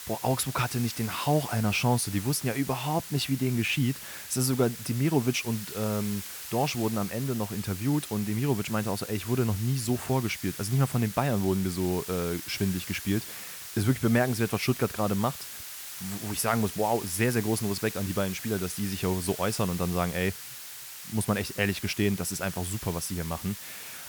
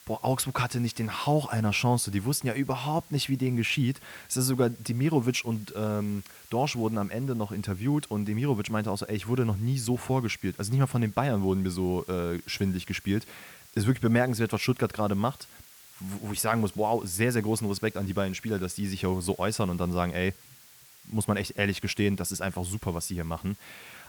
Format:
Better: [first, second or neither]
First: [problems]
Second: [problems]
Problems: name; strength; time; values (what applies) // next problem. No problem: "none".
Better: second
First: hiss; loud; throughout; 9 dB below the speech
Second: hiss; faint; throughout; 20 dB below the speech